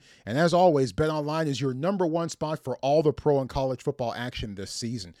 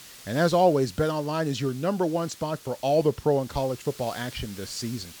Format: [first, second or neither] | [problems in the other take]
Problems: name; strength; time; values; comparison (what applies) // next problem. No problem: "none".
first | hiss; noticeable; throughout; 20 dB below the speech